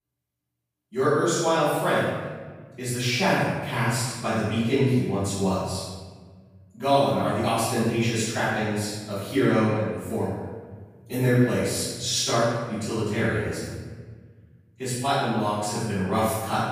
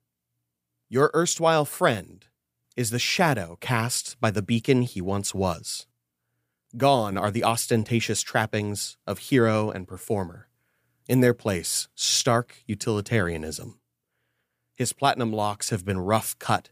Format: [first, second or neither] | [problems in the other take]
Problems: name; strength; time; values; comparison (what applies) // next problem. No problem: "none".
second | off-mic speech; far // room echo; strong; dies away in 1.3 s